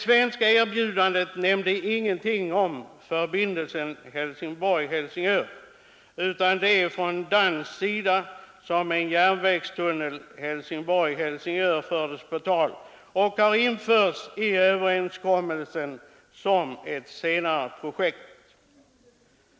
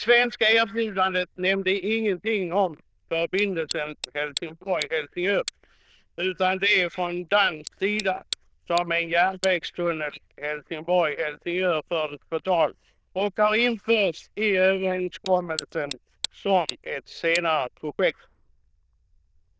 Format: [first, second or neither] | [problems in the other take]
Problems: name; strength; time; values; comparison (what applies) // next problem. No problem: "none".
first | noise reduction (neural diffusion model UNIVERSE++)